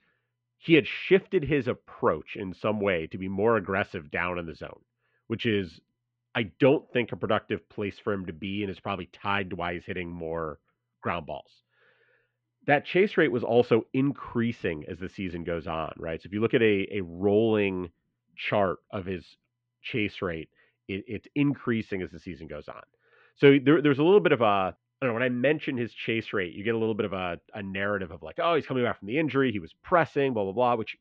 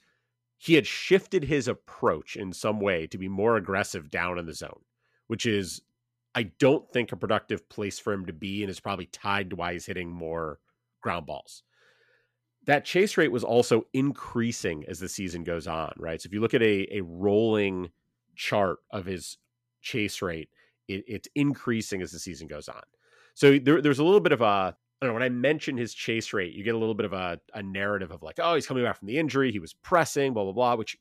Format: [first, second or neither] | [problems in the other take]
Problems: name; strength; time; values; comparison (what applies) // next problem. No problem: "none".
second | muffled; very; fading above 3 kHz